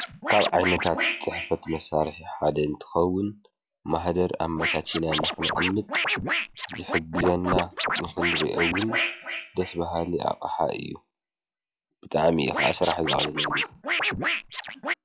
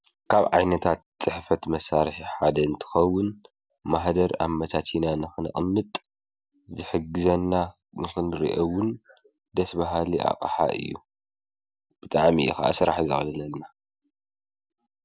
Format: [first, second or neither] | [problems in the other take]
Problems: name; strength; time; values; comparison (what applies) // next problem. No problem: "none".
second | noise reduction (classical method log-MMSE)